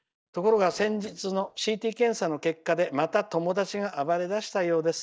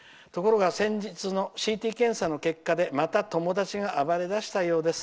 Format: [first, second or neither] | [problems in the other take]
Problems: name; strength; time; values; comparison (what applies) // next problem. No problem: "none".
second | noise reduction (neural mask model DeepFilterNet 3)